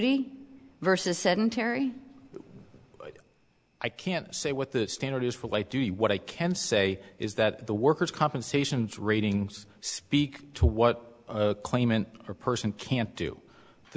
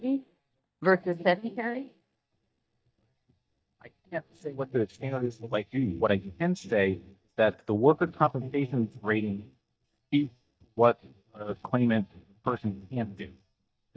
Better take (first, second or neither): first